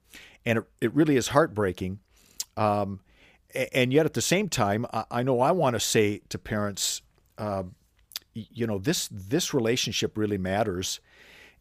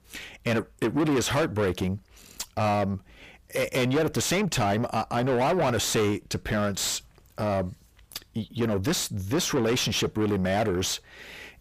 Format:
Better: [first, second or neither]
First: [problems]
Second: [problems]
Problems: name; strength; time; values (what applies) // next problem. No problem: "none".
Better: first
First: none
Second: distortion; heavy; 6 dB below the speech